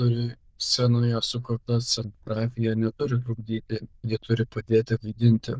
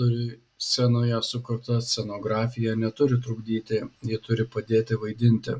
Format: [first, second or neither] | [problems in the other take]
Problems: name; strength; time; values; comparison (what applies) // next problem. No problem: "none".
second | noise reduction (neural diffusion model UNIVERSE++)